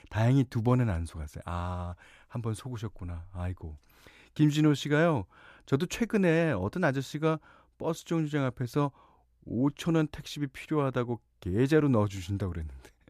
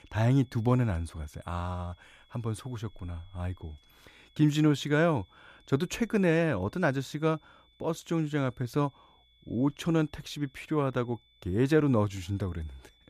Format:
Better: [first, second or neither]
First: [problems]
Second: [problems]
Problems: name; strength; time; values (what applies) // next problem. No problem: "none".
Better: first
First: none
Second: high-pitched whine; faint; throughout; 3.5 kHz, 35 dB below the speech